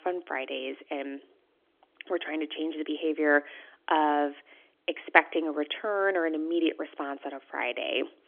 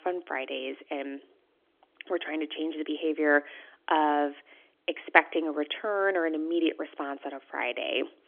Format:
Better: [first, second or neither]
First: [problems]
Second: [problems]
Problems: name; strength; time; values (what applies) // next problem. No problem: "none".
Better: neither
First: phone-call audio; nothing above 3.5 kHz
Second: phone-call audio; nothing above 3.5 kHz